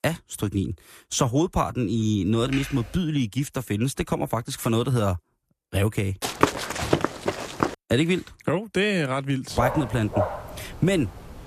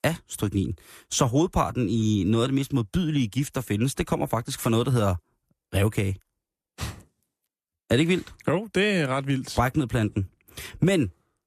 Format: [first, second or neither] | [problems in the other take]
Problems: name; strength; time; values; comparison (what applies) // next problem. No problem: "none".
second | keyboard typing; noticeable; at 2.5 s; peak 9 dB below the speech // footsteps; loud; from 6 to 7.5 s; peak 2 dB above the speech // dog barking; noticeable; from 9.5 s on; peak 3 dB below the speech